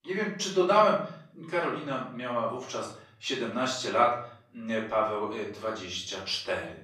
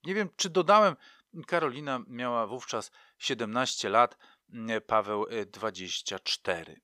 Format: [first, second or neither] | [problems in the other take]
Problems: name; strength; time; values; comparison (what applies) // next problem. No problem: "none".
second | off-mic speech; far // room echo; noticeable; dies away in 0.6 s